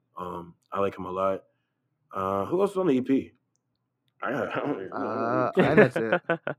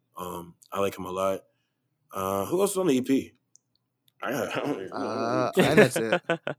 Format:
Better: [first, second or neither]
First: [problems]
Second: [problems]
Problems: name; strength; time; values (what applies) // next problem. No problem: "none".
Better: second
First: muffled; very; fading above 4 kHz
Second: none